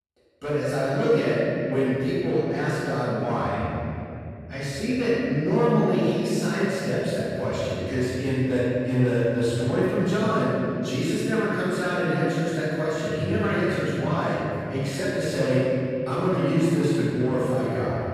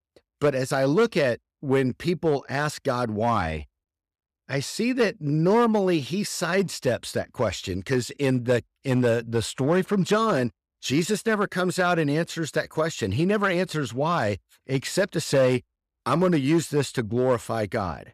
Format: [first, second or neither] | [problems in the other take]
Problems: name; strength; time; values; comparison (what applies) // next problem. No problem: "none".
second | off-mic speech; far // room echo; strong; dies away in 3 s